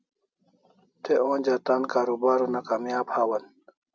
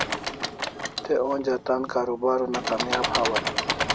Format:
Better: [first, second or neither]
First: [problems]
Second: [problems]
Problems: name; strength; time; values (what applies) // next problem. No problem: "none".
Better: first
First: none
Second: background sound (Engine / Mechanisms); 2 dB below the speech